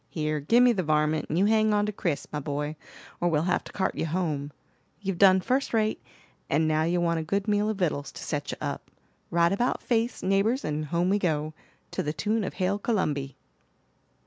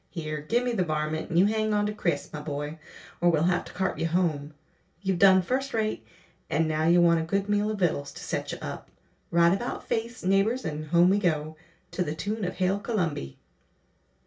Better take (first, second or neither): first